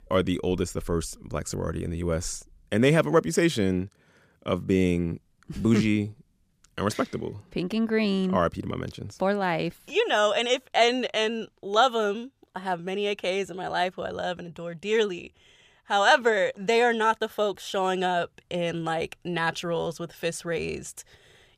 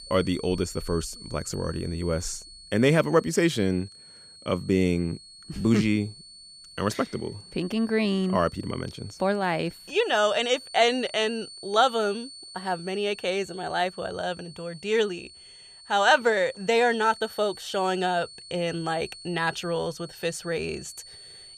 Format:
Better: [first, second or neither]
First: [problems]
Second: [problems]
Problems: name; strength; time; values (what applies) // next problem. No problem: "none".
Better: first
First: none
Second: high-pitched whine; noticeable; throughout; 4.5 kHz, 15 dB below the speech